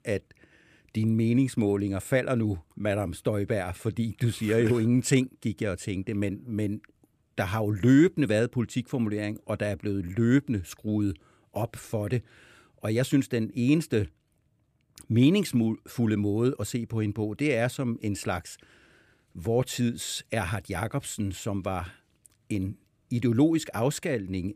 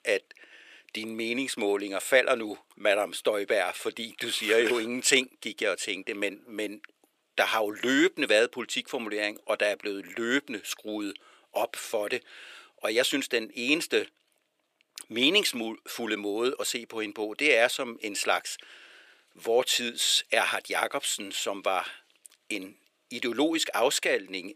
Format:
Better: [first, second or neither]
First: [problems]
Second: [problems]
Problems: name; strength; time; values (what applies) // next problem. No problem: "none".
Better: first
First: none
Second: thin; very; fading below 450 Hz